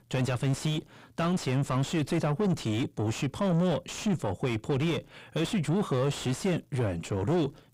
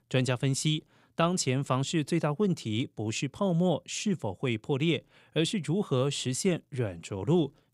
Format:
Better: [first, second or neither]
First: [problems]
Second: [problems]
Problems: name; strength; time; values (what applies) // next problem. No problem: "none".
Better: second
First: distortion; heavy; 7 dB below the speech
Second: none